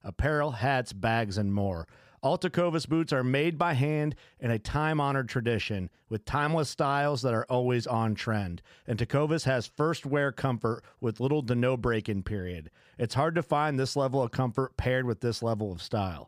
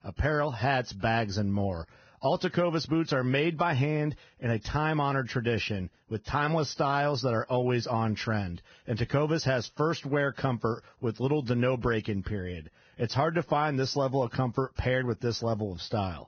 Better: first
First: none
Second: garbled, watery; badly; nothing above 6 kHz

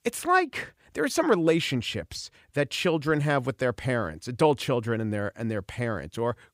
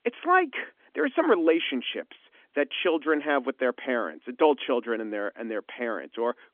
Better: first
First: none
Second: phone-call audio; nothing above 3.5 kHz

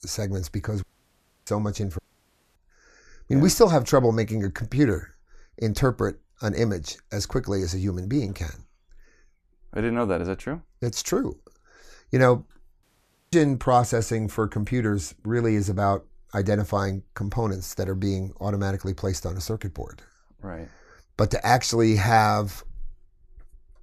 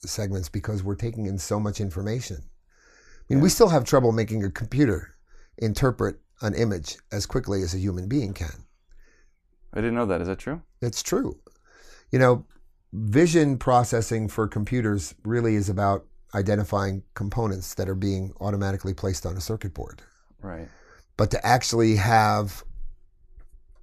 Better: second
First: audio cutting out; at 1 s for 0.5 s, at 2 s for 0.5 s and at 13 s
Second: none

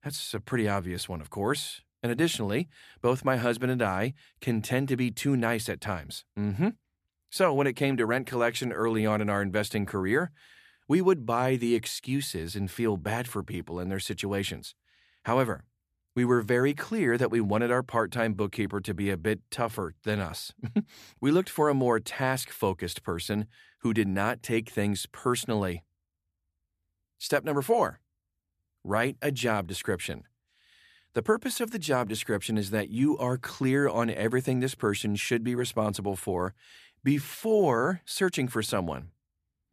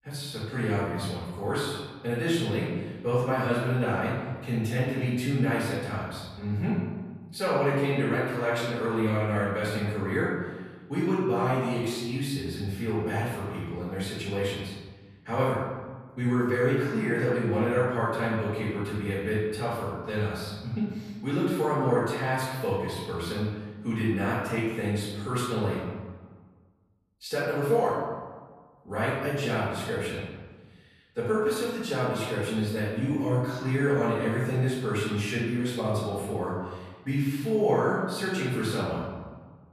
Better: first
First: none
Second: room echo; strong; dies away in 1.3 s // off-mic speech; far

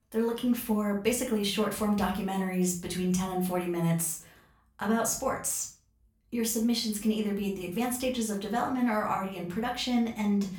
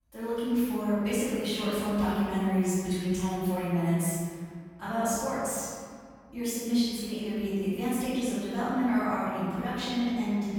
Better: first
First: room echo; slight; dies away in 0.4 s // off-mic speech; far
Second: room echo; strong; dies away in 2 s // off-mic speech; far

